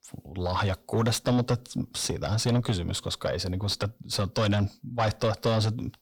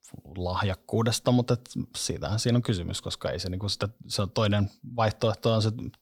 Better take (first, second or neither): second